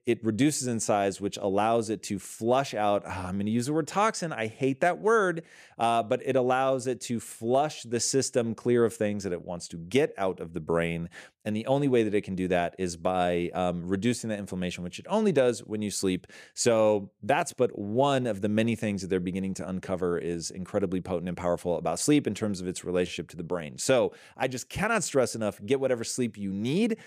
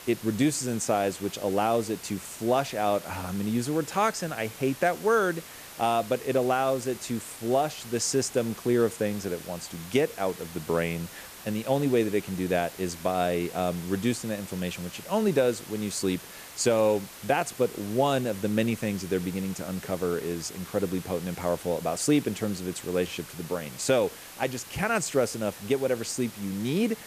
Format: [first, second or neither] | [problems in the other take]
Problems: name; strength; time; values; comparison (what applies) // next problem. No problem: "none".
first | hiss; noticeable; throughout; 15 dB below the speech